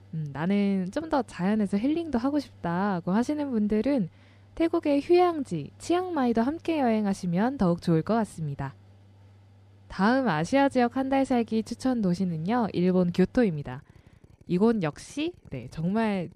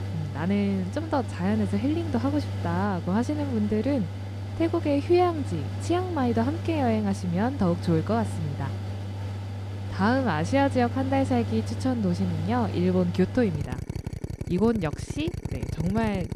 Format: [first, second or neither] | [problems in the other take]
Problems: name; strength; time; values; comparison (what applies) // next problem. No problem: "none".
first | machinery noise; loud; throughout; 6 dB below the speech; faint in the first